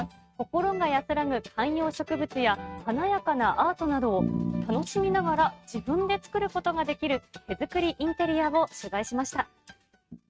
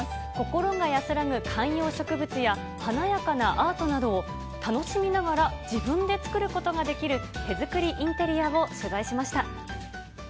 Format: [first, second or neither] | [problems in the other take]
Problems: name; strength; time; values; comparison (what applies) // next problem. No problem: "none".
second | noise reduction (neural mask model RNNoise)